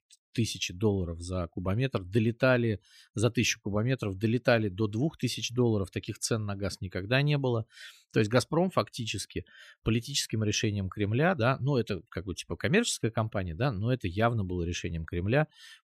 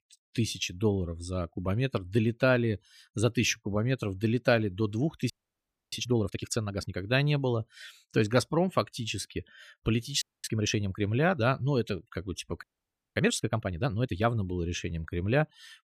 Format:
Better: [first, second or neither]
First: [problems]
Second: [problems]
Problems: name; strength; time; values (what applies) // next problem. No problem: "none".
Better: first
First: none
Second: audio freezing; at 5.5 s for 0.5 s, at 10 s and at 13 s for 0.5 s